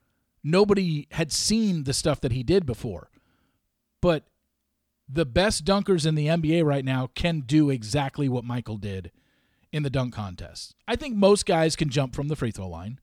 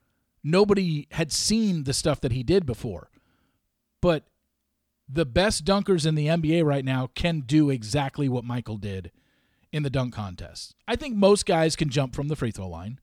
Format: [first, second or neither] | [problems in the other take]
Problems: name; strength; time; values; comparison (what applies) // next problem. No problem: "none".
neither | none